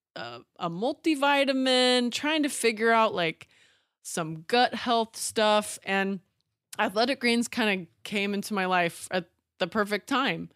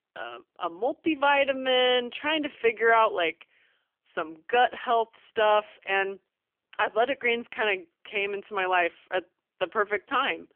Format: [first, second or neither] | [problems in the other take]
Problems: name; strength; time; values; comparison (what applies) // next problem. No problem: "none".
first | phone-call audio; poor line; nothing above 3 kHz